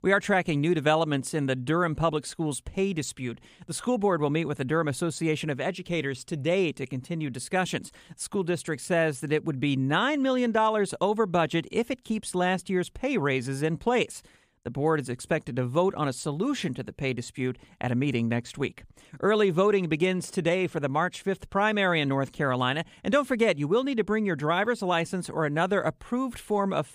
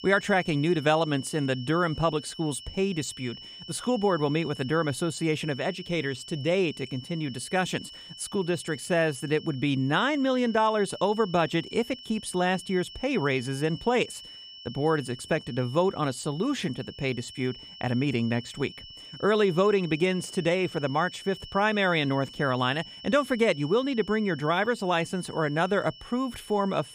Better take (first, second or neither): first